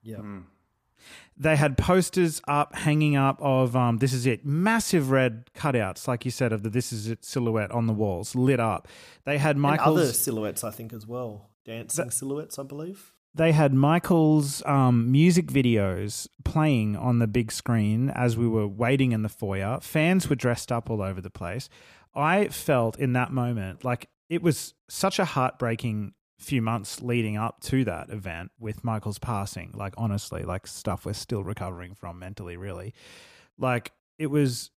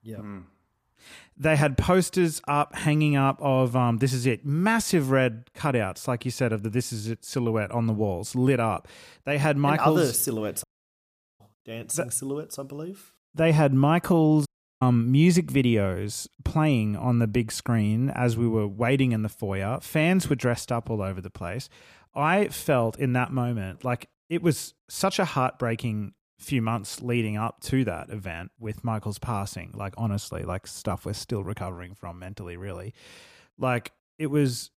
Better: first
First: none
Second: audio cutting out; at 11 s for 1 s and at 14 s

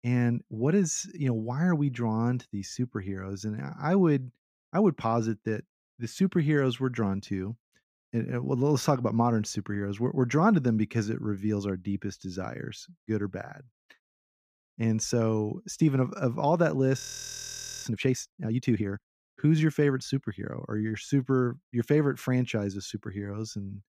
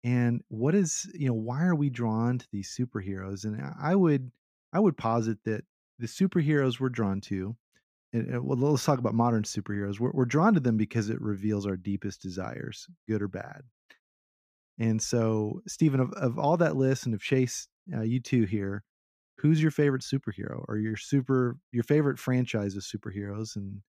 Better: second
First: audio freezing; at 17 s for 1 s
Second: none

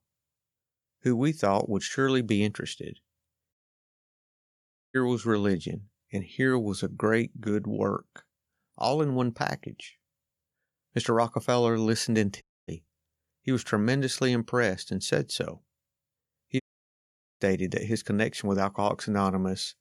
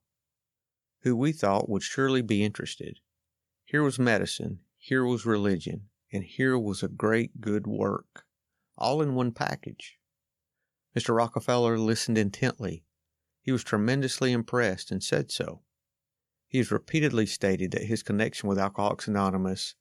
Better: second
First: audio cutting out; at 3.5 s for 1.5 s, at 12 s and at 17 s for 1 s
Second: none

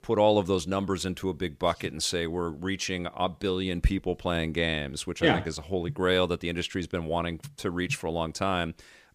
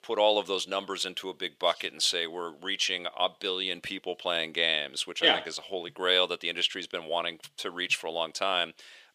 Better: first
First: none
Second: thin; somewhat; fading below 450 Hz

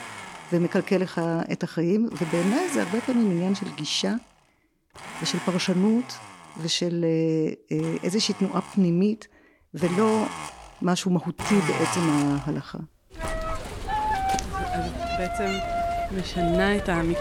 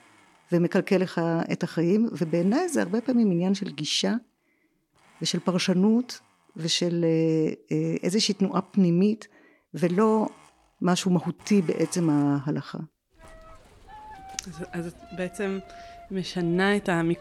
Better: second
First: household noises; loud; throughout; 6 dB below the speech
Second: household noises; faint; throughout; 25 dB below the speech

